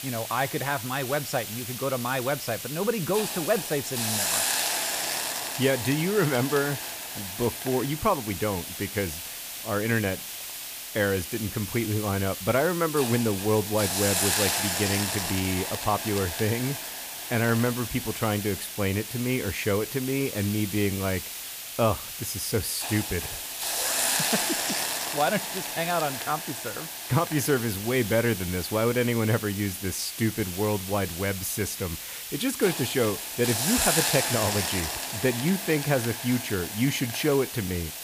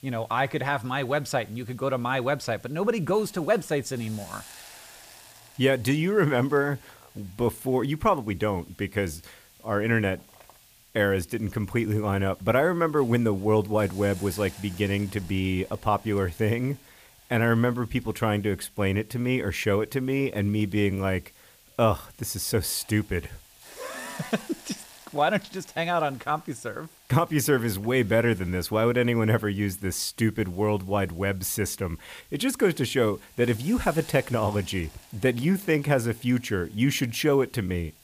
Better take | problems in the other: second | hiss; loud; throughout; 2 dB below the speech; faint in the second

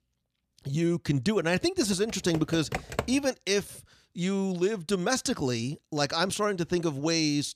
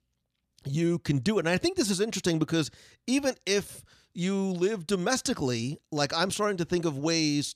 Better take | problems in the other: second | keyboard typing; noticeable; from 2 to 3 s; peak 5 dB below the speech

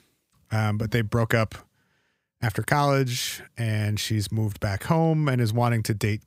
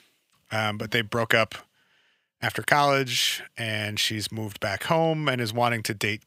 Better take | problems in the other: first | thin; somewhat; fading below 600 Hz

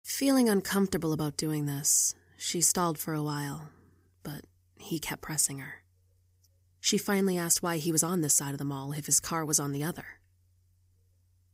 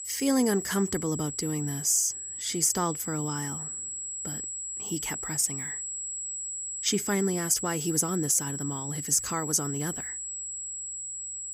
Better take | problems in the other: first | high-pitched whine; loud; throughout; 7.5 kHz, 6 dB below the speech

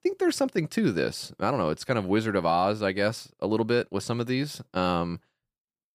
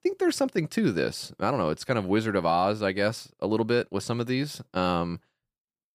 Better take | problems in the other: neither | none

